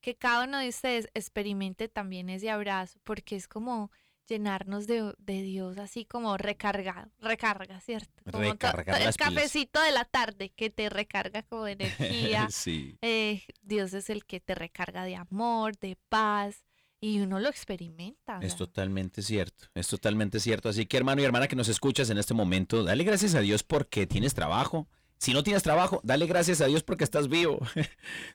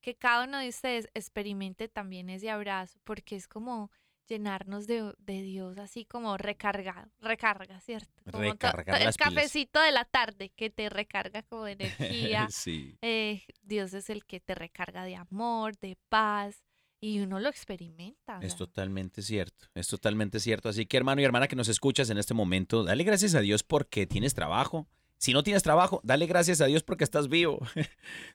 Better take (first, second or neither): second